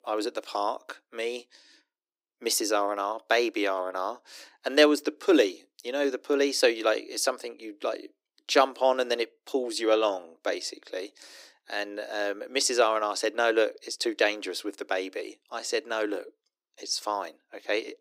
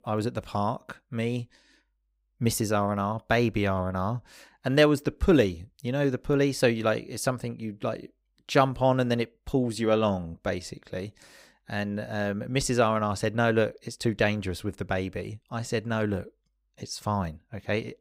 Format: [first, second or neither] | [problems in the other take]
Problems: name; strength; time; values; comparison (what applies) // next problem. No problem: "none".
second | thin; somewhat; fading below 300 Hz